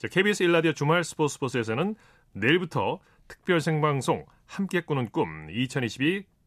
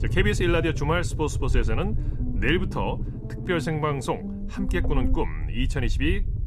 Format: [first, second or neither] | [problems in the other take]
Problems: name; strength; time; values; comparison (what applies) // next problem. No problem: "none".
first | low rumble; noticeable; throughout; 15 dB below the speech